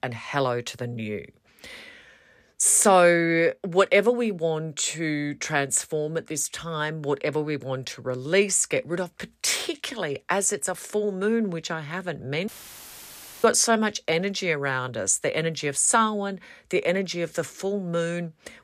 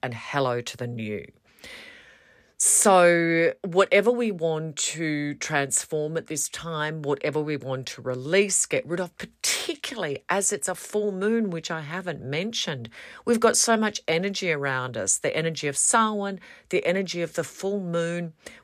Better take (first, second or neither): second